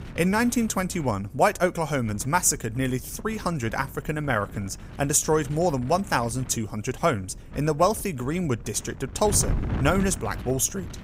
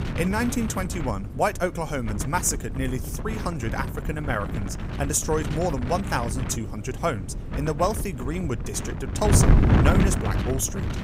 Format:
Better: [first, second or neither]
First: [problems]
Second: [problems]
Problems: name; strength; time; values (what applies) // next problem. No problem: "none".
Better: first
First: wind noise on the microphone; occasional gusts; 20 dB below the speech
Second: wind noise on the microphone; heavy; 6 dB below the speech